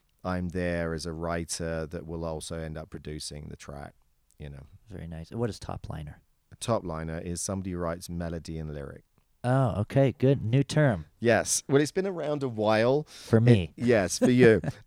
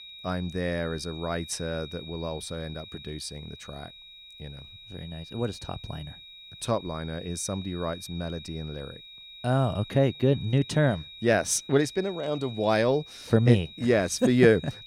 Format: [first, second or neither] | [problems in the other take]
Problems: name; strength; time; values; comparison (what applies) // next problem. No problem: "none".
first | high-pitched whine; noticeable; throughout; 4 kHz, 15 dB below the speech